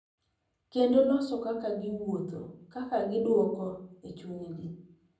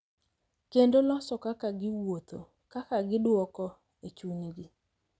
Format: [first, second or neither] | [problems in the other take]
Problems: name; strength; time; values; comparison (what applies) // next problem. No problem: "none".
second | room echo; dies away in 0.6 s